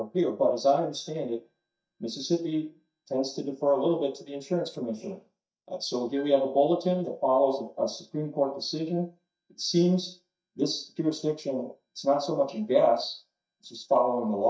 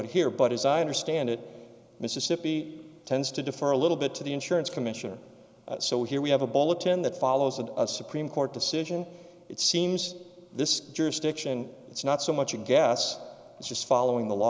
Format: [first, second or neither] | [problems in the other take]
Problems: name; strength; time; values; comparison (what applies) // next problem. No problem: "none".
second | noise reduction (neural mask model DeepFilterNet 3)